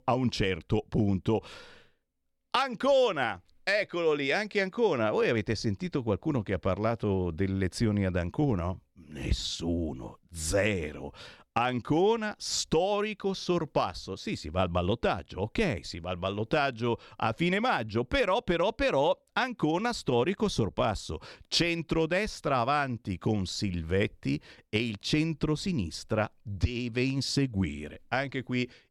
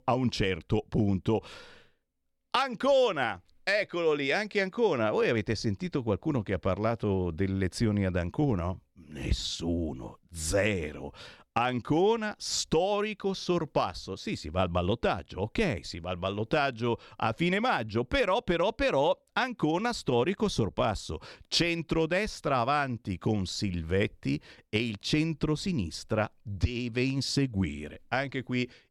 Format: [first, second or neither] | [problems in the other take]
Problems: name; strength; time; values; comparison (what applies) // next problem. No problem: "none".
neither | none